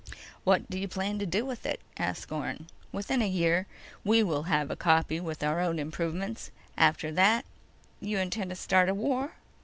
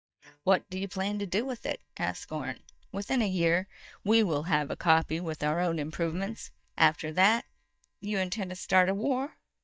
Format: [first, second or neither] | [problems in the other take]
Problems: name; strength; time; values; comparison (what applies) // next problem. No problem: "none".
first | noise reduction (neural mask model DeepFilterNet 3)